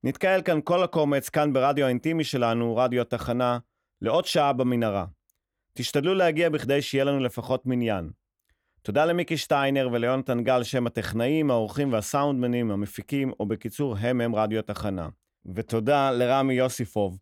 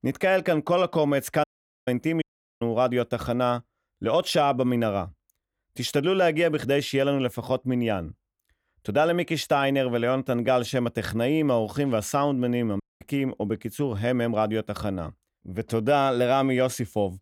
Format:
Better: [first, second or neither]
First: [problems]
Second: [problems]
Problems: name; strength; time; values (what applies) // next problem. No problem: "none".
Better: first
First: none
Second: audio cutting out; at 1.5 s, at 2 s and at 13 s